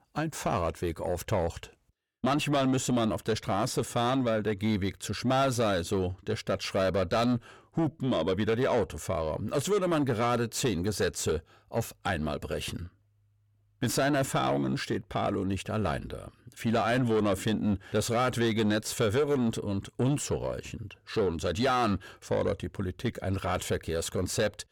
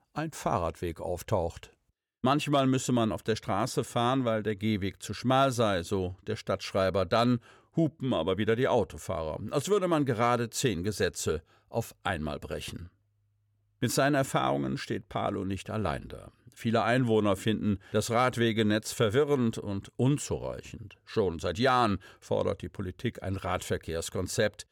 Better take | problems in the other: second | distortion; slight; 9 dB below the speech

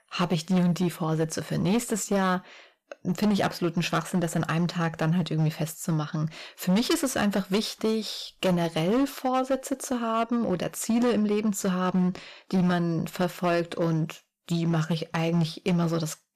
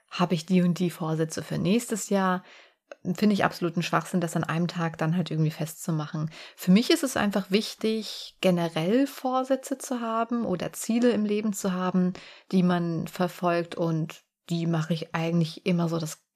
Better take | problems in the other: second | distortion; slight; 9% of the sound clipped

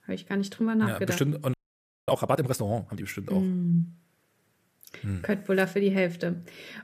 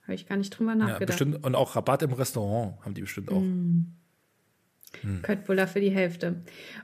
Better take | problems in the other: second | audio freezing; at 1.5 s for 0.5 s

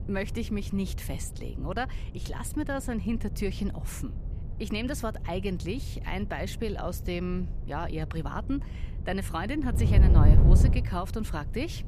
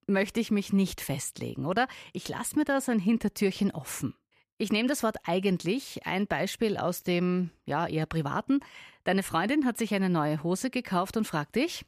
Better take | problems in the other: second | wind noise on the microphone; heavy; 9 dB below the speech

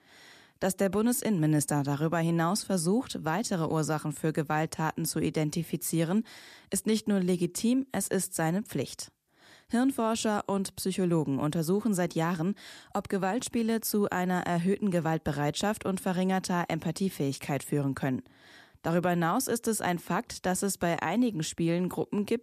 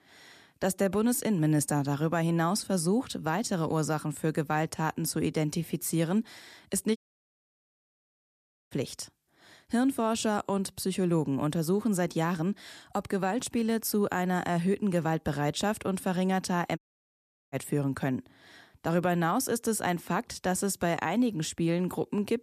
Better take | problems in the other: first | audio cutting out; at 7 s for 2 s and at 17 s for 0.5 s

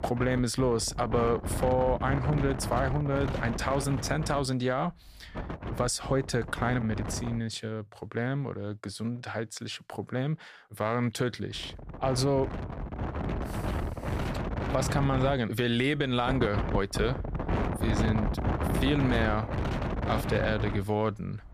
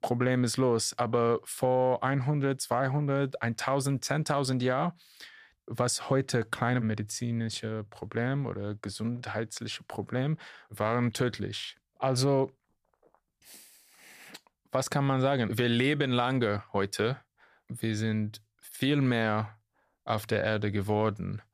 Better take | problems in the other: second | wind noise on the microphone; heavy; until 7.5 s and from 12 s on; 6 dB below the speech

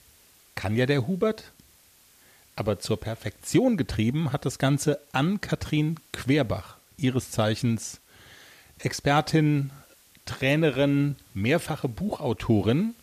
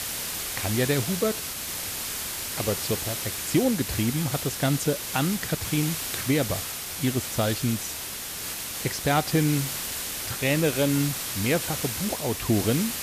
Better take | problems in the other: first | hiss; loud; throughout; 3 dB below the speech; faint in the first

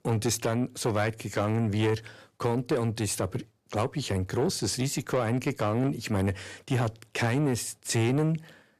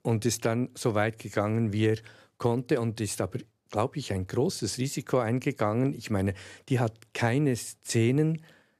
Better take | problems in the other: second | distortion; slight; 10 dB below the speech

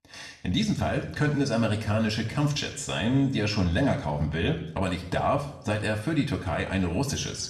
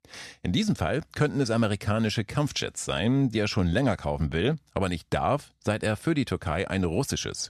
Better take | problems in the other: second | room echo; slight; dies away in 0.7 s

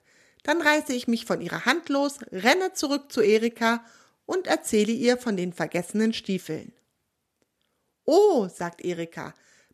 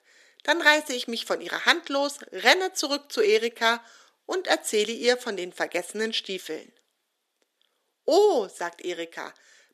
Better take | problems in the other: first | thin; somewhat; fading below 350 Hz

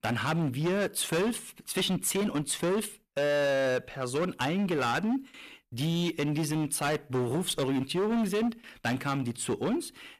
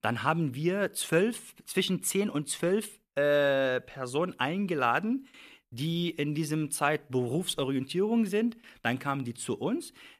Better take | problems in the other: second | distortion; heavy; 20% of the sound clipped

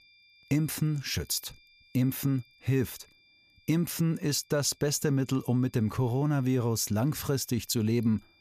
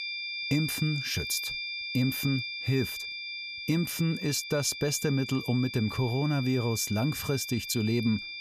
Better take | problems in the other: first | high-pitched whine; loud; throughout; 2.5 kHz, 6 dB below the speech; faint in the first

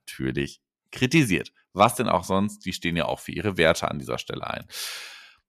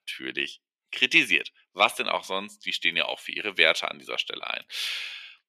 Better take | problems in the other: first | thin; somewhat; fading below 400 Hz

